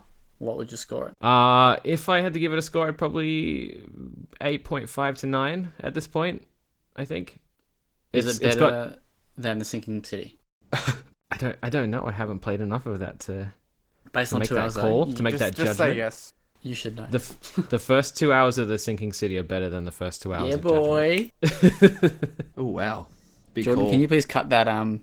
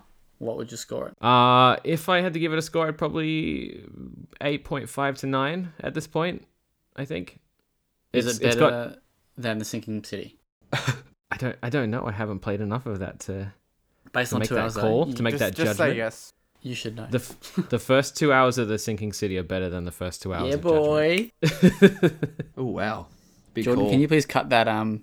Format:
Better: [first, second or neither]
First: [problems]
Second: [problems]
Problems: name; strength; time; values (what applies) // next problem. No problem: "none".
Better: second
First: garbled, watery; slightly; nothing above 19 kHz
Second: none